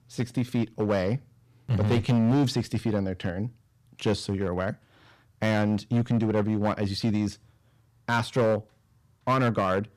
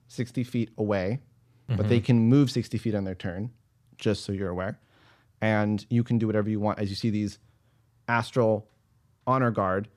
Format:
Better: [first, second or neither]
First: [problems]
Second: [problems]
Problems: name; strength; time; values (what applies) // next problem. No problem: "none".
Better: second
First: distortion; slight; 6% of the sound clipped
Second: none